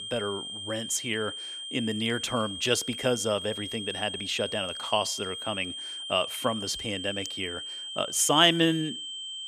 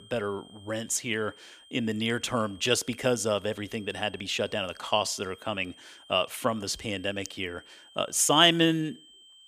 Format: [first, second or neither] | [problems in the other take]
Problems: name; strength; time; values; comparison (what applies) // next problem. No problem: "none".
second | high-pitched whine; loud; throughout; 3 kHz, 7 dB below the speech; faint in the second